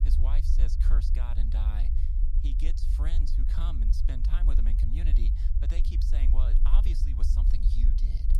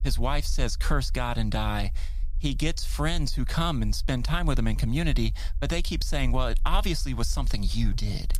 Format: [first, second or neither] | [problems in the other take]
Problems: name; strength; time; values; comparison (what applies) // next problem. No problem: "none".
second | low rumble; loud; throughout; 2 dB below the speech; faint in the second